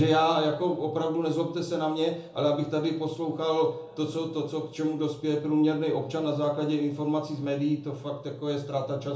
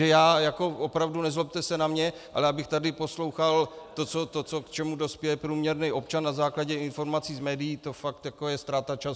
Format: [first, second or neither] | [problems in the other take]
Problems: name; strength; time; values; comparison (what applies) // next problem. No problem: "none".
second | room echo; dies away in 0.9 s